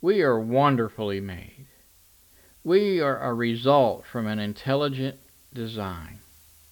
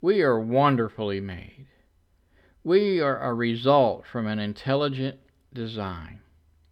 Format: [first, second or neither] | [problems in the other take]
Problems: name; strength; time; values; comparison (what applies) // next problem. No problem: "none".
second | hiss; faint; throughout; 30 dB below the speech